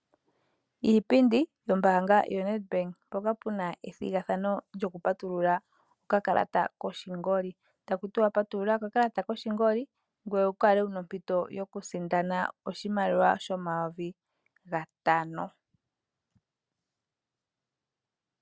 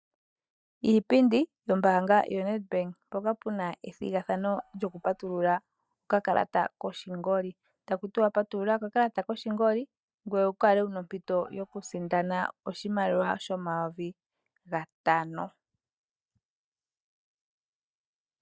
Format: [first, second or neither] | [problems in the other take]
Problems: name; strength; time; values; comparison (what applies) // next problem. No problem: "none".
first | noise reduction (neural mask model DeepFilterNet 3)